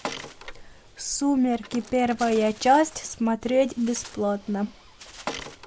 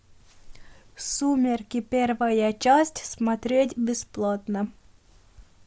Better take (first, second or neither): second